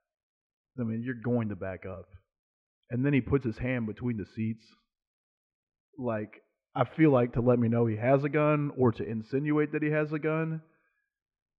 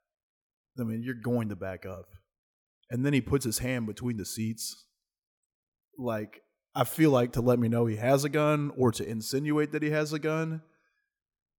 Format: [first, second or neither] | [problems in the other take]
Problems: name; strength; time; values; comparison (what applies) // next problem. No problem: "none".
second | muffled; very; fading above 2.5 kHz